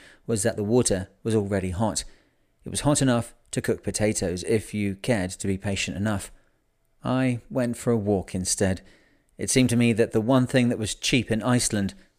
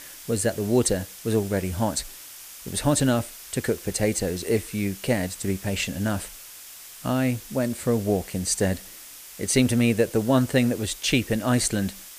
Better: first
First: none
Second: hiss; noticeable; throughout; 15 dB below the speech

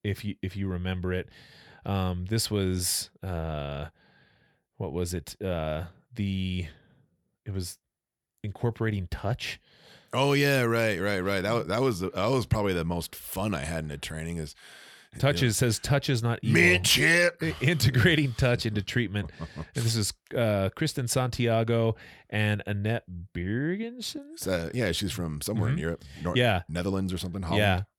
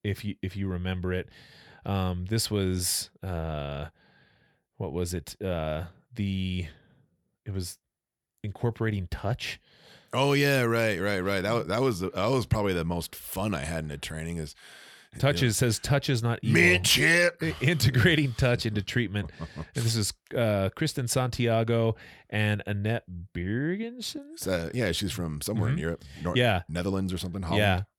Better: neither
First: none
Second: none

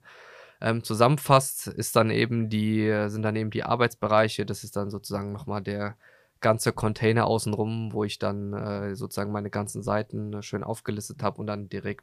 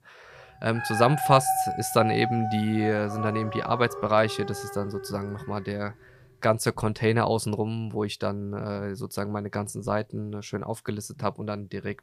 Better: first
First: none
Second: dog barking; loud; from 1 to 5.5 s; peak 2 dB above the speech

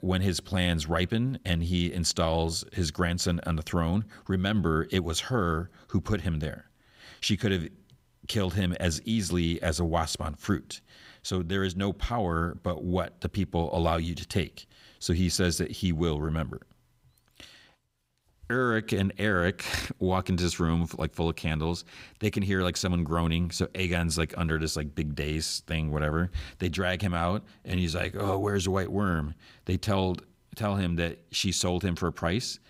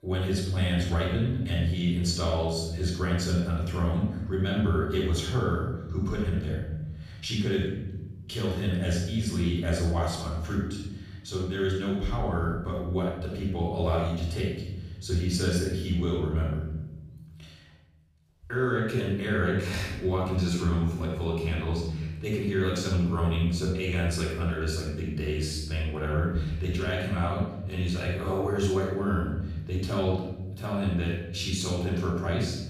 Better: first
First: none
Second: room echo; strong; dies away in 1.4 s // off-mic speech; far

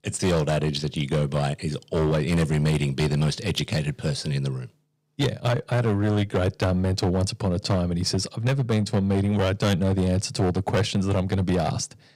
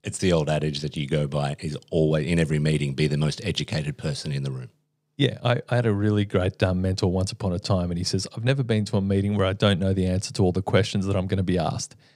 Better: second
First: distortion; slight; 10% of the sound clipped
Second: none

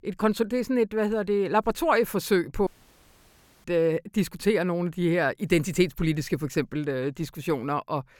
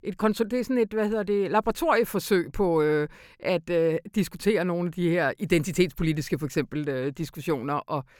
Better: second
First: audio cutting out; at 2.5 s for 1 s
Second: none

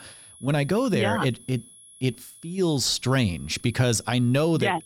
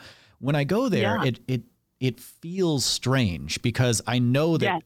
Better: second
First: high-pitched whine; faint; throughout; 11 kHz, 20 dB below the speech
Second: none

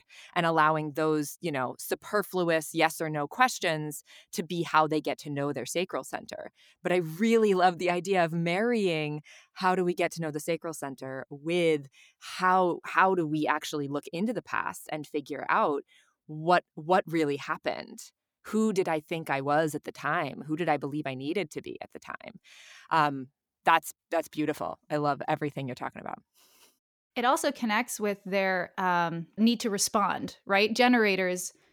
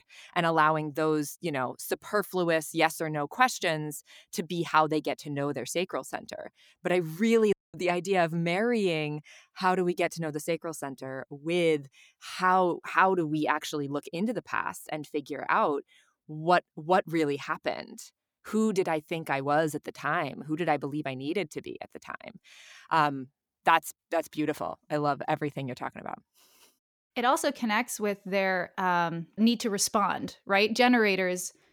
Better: first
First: none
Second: audio cutting out; at 7.5 s

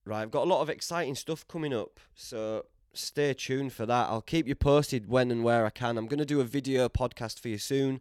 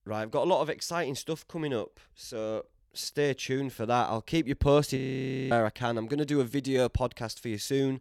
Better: first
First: none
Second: audio freezing; at 5 s for 0.5 s

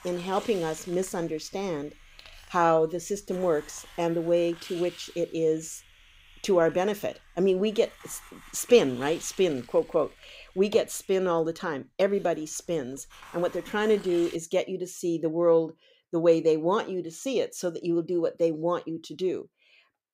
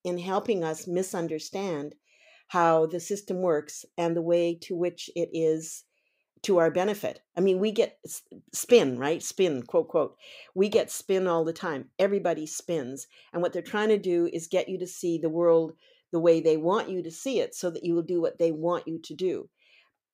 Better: second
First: hiss; faint; until 14 s; 20 dB below the speech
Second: none

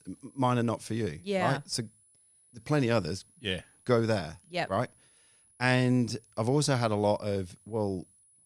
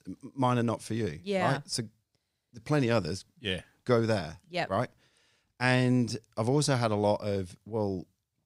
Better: second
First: high-pitched whine; faint; throughout; 10.5 kHz, 30 dB below the speech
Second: none

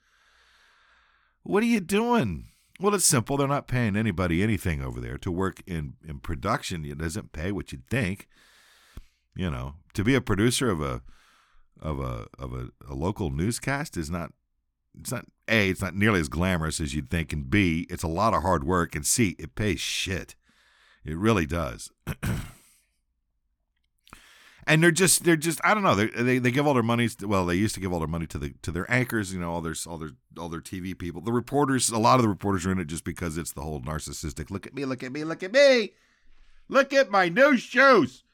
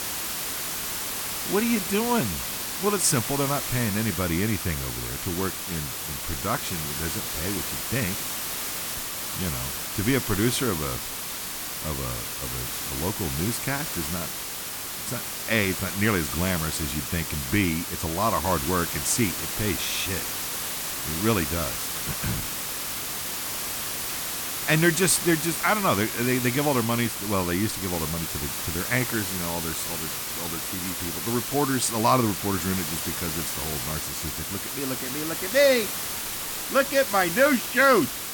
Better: first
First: none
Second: hiss; loud; throughout; 2 dB below the speech

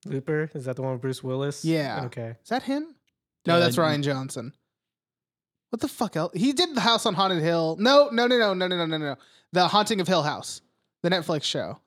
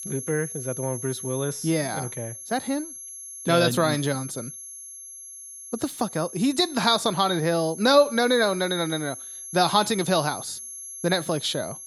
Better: first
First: none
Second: high-pitched whine; noticeable; throughout; 11 kHz, 10 dB below the speech

